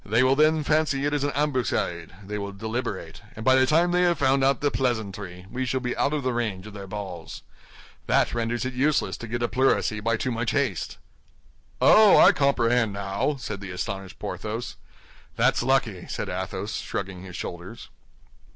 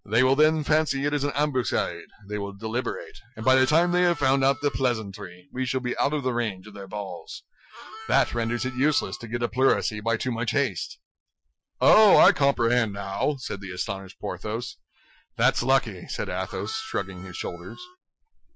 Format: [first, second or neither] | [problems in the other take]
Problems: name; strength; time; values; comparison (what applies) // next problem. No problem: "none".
first | noise reduction (classical method Wiener filter)